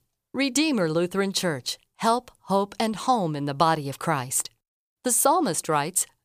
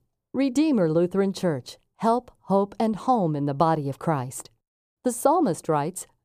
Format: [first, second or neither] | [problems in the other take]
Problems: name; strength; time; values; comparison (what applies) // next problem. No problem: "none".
first | muffled; slightly; fading above 1 kHz